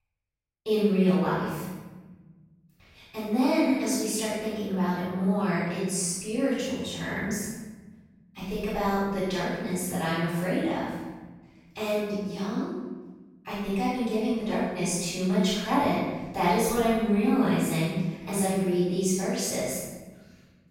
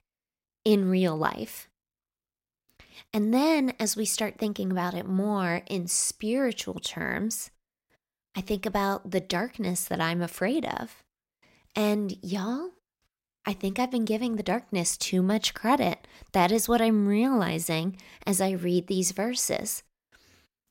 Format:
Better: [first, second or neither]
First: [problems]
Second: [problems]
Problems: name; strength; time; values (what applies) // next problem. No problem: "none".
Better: second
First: off-mic speech; far // room echo; strong; dies away in 1.3 s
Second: none